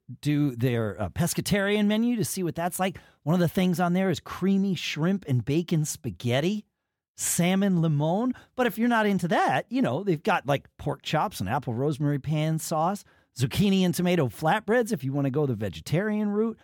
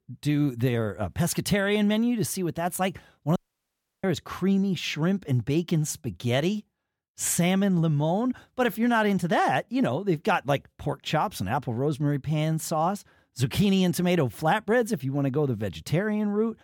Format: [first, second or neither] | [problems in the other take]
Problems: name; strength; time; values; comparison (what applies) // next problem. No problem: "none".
first | audio cutting out; at 3.5 s for 0.5 s